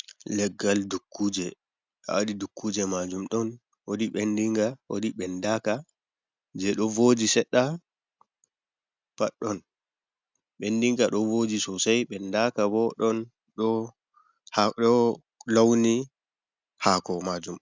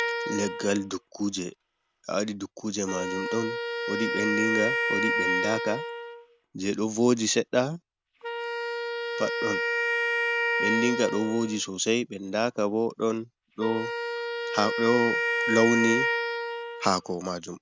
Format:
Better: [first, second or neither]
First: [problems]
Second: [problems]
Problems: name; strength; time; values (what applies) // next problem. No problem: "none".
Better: first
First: none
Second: background sound (Wind instrument, woodwind instrument); 2 dB below the speech